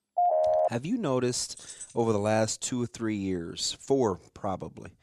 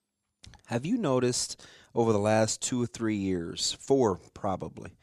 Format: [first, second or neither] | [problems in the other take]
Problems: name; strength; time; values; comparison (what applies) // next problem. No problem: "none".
second | phone ringing; loud; at the start; peak 5 dB above the speech // jangling keys; faint; at 1.5 s; peak 10 dB below the speech